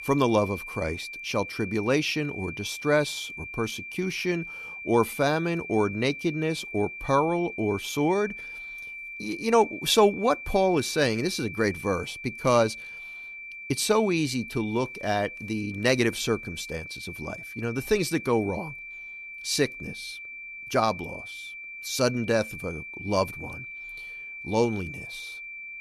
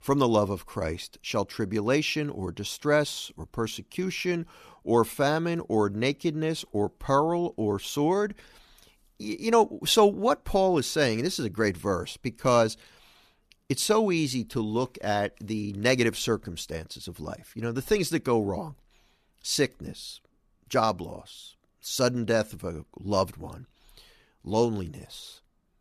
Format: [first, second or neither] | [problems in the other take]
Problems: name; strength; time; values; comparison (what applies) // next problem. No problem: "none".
second | high-pitched whine; noticeable; throughout; 2.5 kHz, 10 dB below the speech